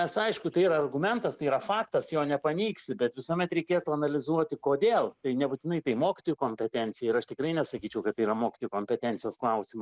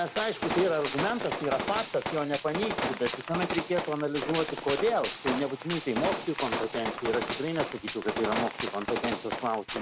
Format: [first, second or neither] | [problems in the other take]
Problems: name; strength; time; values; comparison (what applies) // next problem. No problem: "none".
first | background sound (Gunshot, gunfire); 4 dB below the speech